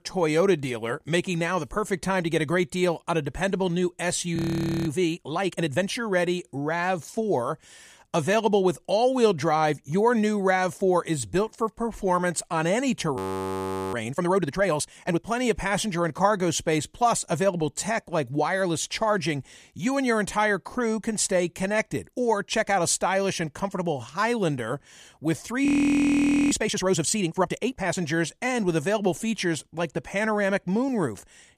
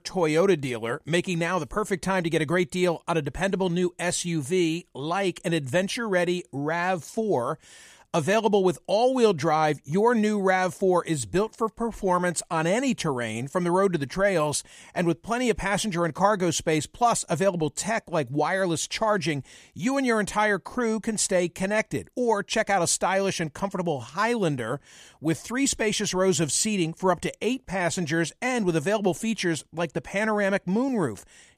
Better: second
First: audio freezing; at 4.5 s for 0.5 s, at 13 s for 1 s and at 26 s for 1 s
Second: none

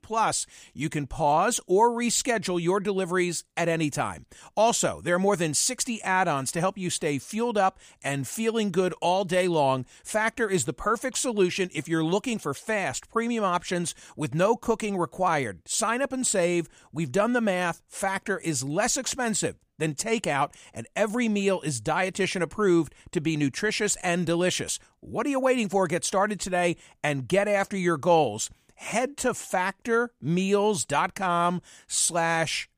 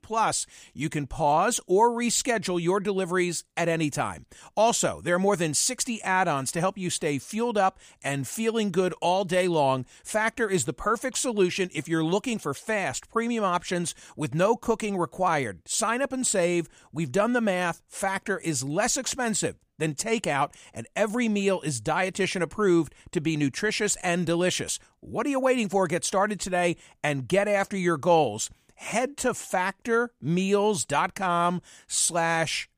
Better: neither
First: none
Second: none

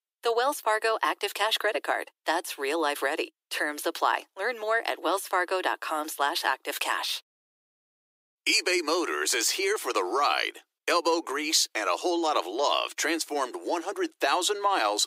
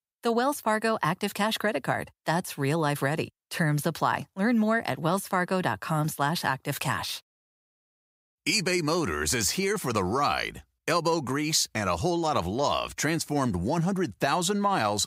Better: second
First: thin; very; fading below 300 Hz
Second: none

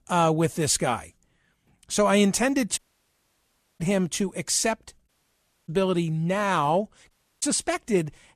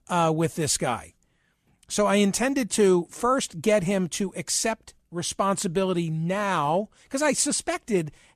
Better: second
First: audio cutting out; at 3 s for 1 s, at 5 s for 0.5 s and at 7 s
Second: none

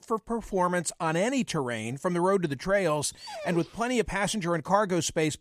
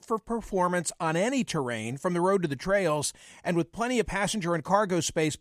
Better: second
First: dog barking; faint; at 3 s; peak 10 dB below the speech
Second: none

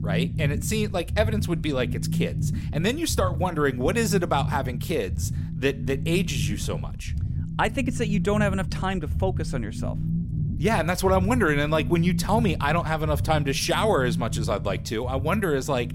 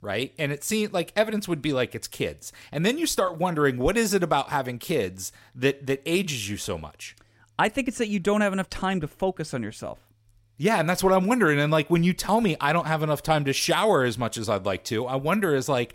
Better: second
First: low rumble; noticeable; throughout; 15 dB below the speech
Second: none

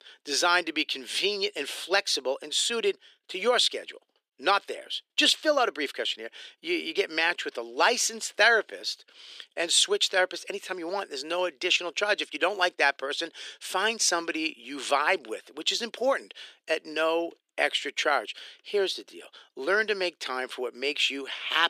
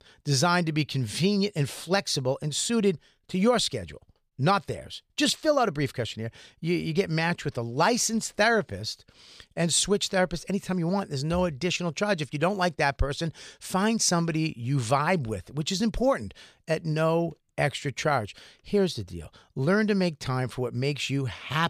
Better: second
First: thin; very; fading below 300 Hz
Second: none

